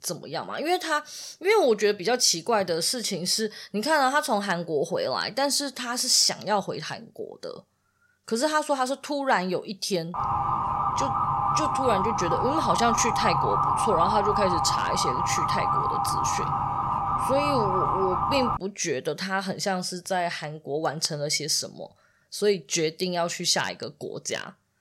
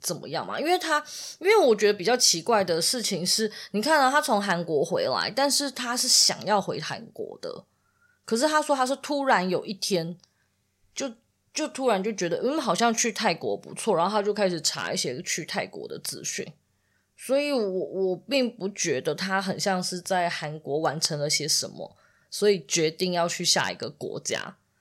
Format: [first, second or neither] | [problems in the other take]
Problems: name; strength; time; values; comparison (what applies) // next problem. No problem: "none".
second | siren; loud; from 10 to 19 s; peak 2 dB above the speech